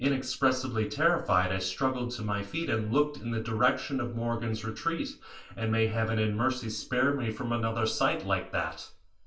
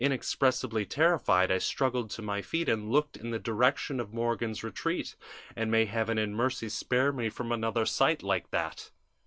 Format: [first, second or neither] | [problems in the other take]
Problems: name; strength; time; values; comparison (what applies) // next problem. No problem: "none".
second | room echo; dies away in 0.3 s